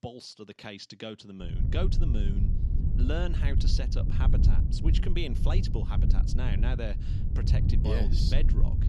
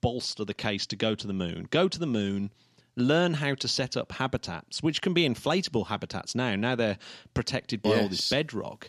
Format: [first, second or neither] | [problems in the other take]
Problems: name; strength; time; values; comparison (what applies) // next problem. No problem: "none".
second | low rumble; loud; from 1.5 s on; 4 dB below the speech